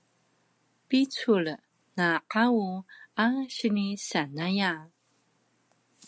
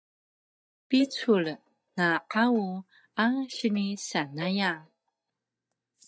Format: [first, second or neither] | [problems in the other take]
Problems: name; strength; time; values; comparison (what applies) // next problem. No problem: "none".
first | noise reduction (neural mask model DeepFilterNet 3)